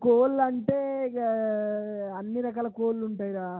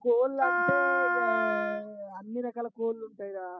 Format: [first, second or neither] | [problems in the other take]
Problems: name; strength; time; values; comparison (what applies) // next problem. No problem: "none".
first | noise reduction (classical method spectral subtraction)